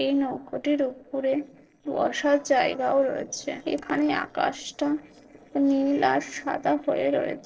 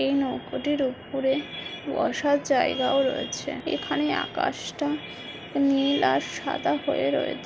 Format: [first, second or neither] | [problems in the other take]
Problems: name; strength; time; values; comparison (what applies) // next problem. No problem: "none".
second | noise reduction (neural separator model SepFormer DNS4)